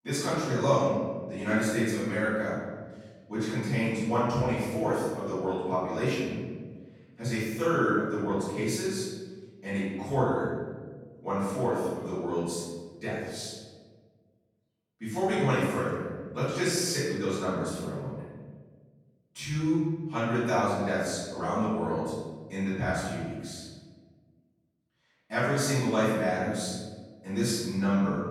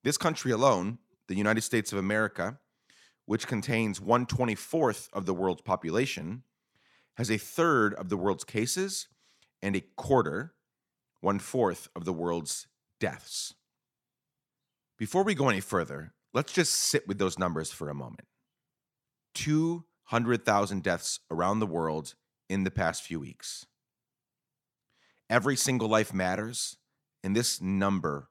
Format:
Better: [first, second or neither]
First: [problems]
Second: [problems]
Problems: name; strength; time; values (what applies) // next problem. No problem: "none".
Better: second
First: off-mic speech; far // room echo; strong; dies away in 1.4 s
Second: none